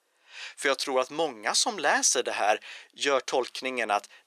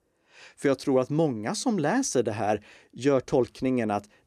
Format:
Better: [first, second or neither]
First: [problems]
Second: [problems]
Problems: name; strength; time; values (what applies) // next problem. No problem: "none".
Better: second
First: thin; very; fading below 850 Hz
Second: none